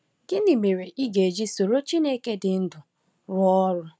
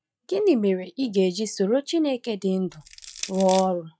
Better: first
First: none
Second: noise reduction (classical method log-MMSE)

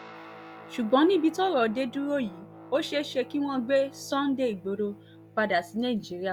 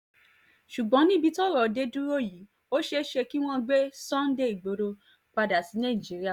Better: second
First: background sound (Guitar); 19 dB below the speech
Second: none

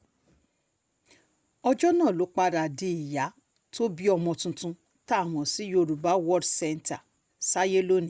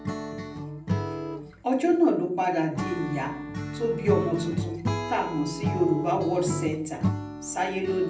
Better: first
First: none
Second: background sound (Acoustic guitar / Strum); 4 dB below the speech // room echo; dies away in 0.6 s

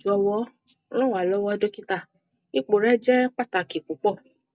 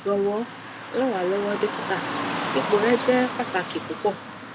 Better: first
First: none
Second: background sound (Car passing by / Traffic noise, roadway noise); 6 dB below the speech

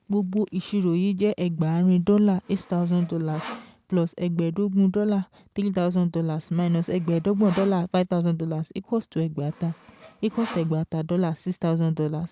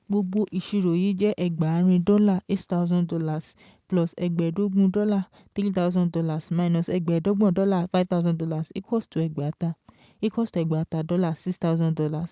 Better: second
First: background sound (Sawing); 20 dB below the speech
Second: none

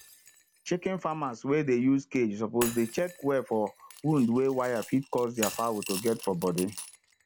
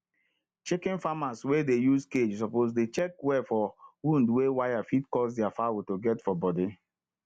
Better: second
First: background sound (Shatter + Coin (dropping) / Glass); 14 dB below the speech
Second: none

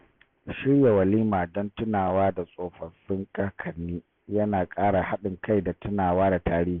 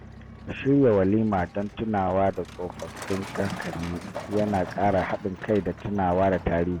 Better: first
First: none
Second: background sound (Truck); 14 dB below the speech

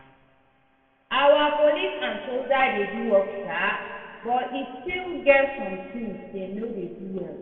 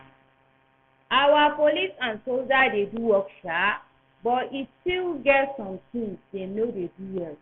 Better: second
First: room echo; dies away in 2 s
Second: none

